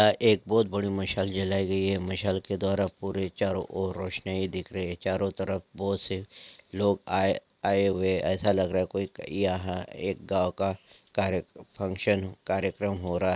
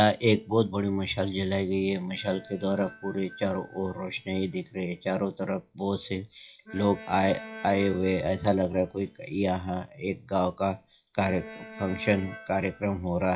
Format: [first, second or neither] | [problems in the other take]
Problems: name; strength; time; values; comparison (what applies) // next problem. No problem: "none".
first | noise reduction (classical method WPE with log-MMSE)